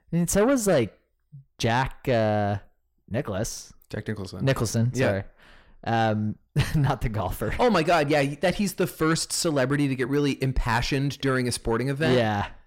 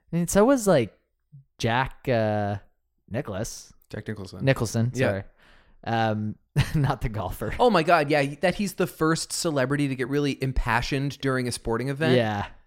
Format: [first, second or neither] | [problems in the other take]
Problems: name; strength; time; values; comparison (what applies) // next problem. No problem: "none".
second | distortion; slight; 10 dB below the speech